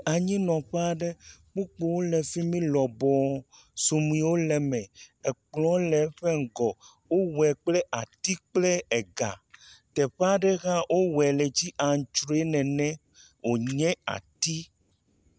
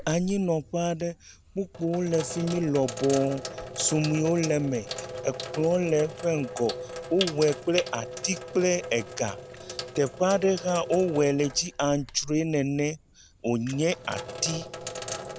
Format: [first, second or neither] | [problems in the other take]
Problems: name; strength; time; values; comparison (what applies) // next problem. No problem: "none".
first | background sound (Sink (filling or washing)); 11 dB below the speech